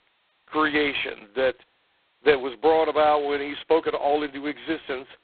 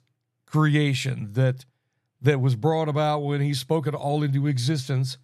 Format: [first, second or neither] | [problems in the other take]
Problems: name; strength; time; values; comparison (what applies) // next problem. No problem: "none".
second | phone-call audio; poor line; nothing above 4 kHz